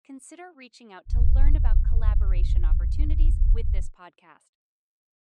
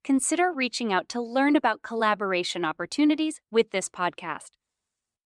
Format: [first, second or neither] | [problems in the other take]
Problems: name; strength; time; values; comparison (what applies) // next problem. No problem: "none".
second | low rumble; loud; from 1 to 4 s; 1 dB below the speech